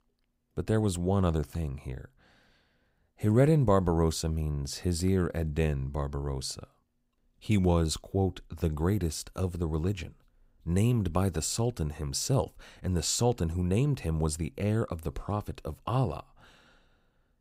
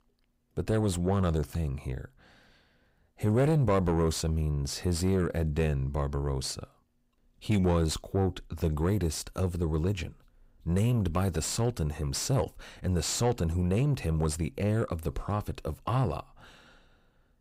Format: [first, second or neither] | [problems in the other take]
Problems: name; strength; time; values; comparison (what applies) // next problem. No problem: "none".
first | distortion; slight; 9 dB below the speech